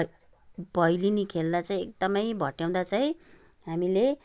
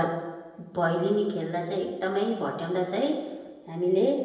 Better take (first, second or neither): first